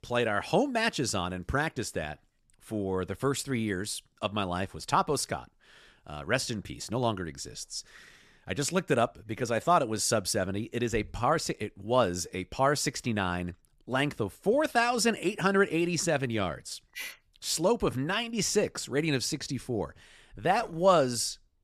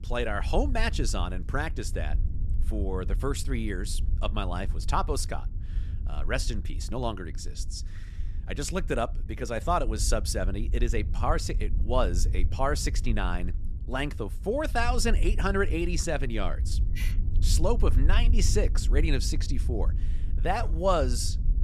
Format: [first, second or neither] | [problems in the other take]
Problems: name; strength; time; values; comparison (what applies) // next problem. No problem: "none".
first | low rumble; noticeable; throughout; 20 dB below the speech